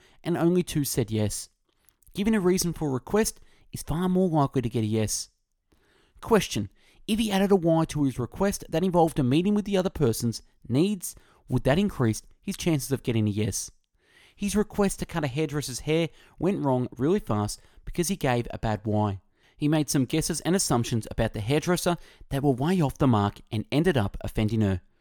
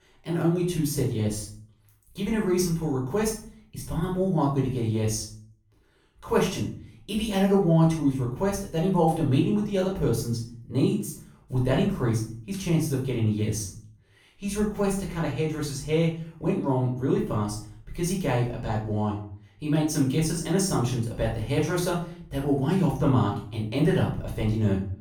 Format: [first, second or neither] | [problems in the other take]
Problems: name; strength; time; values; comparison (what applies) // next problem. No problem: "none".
first | off-mic speech; far // room echo; noticeable; dies away in 0.4 s